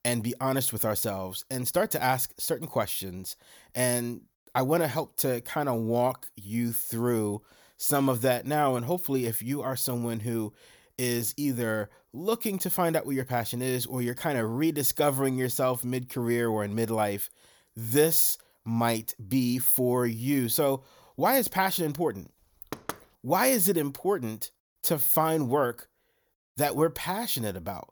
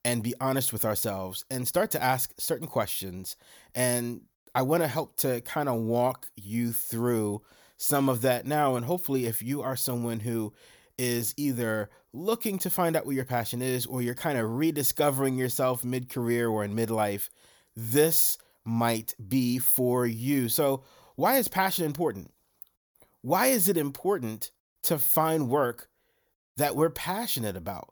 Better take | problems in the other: second | door banging; faint; at 23 s; peak 10 dB below the speech

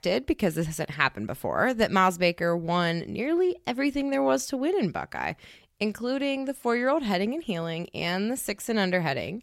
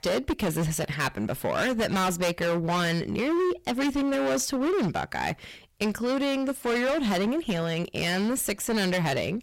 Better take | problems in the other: first | distortion; heavy; 24% of the sound clipped

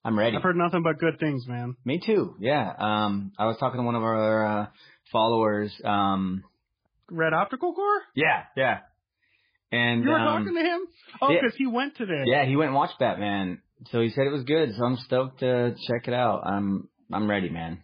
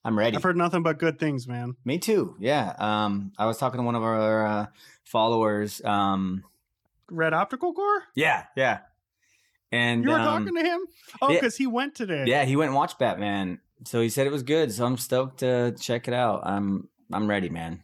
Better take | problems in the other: second | garbled, watery; badly

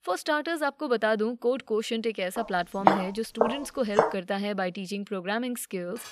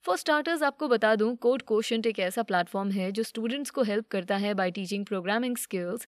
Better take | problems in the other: second | footsteps; loud; from 3 to 4 s; peak 5 dB above the speech // clattering dishes; very faint; at 6 s; peak 15 dB below the speech

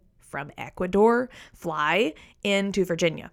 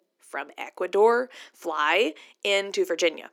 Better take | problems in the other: first | thin; somewhat; fading below 300 Hz

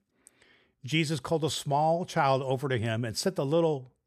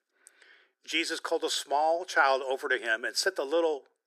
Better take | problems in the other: first | thin; very; fading below 350 Hz

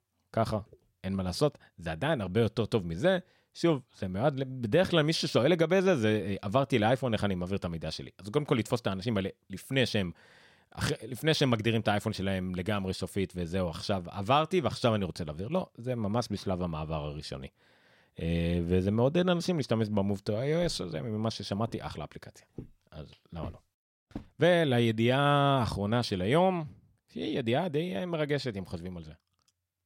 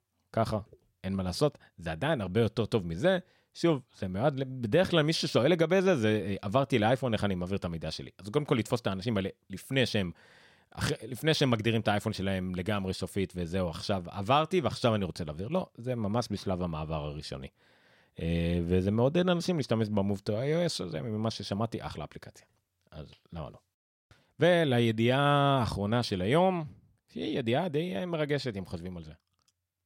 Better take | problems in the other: second | footsteps; faint; from 21 to 24 s; peak 15 dB below the speech

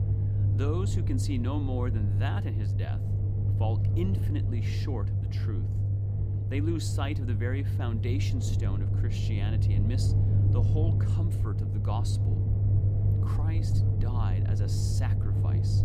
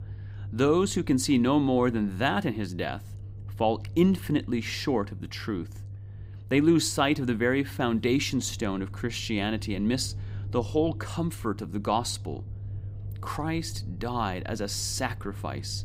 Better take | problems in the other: second | low rumble; loud; throughout; 1 dB below the speech; faint in the second

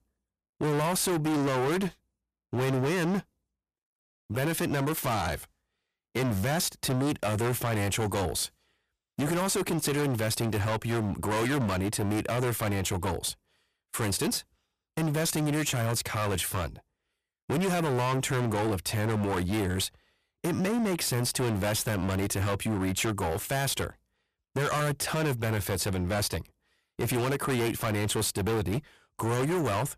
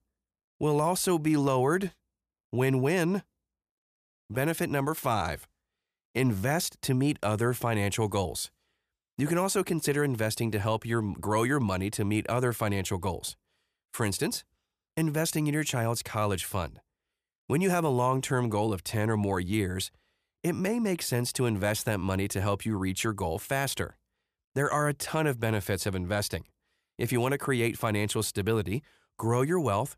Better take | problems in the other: second | distortion; heavy; 26% of the sound clipped

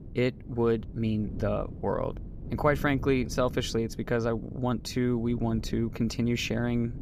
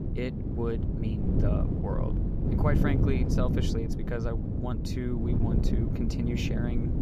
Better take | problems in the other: first | wind noise on the microphone; heavy; 1 dB below the speech; occasional gusts in the first

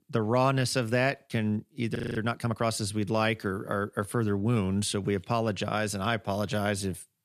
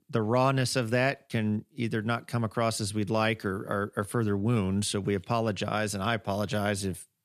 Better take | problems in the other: second | audio freezing; at 2 s

